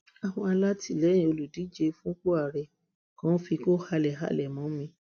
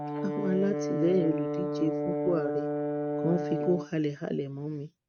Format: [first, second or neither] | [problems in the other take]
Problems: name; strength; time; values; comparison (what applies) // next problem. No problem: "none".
first | noise reduction (neural mask model RNNoise)